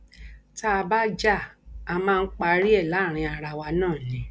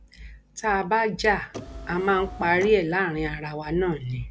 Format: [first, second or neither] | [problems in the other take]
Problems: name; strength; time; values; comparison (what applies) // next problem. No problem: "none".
first | background sound (Car); 15 dB below the speech